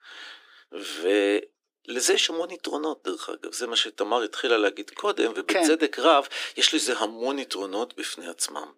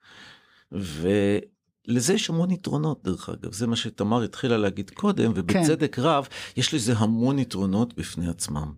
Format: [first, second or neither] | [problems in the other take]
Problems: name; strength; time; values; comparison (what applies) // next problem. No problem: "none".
second | thin; very; fading below 300 Hz